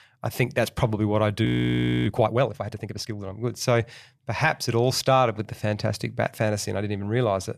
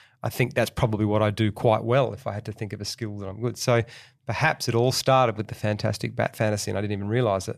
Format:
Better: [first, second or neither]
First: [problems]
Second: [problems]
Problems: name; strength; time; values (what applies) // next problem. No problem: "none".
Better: second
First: audio freezing; at 1.5 s for 0.5 s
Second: none